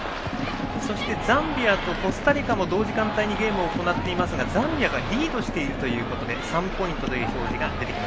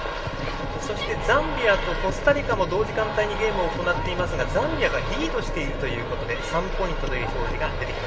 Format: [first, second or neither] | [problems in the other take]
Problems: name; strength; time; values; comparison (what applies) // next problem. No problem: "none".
first | room echo; dies away in 1.7 s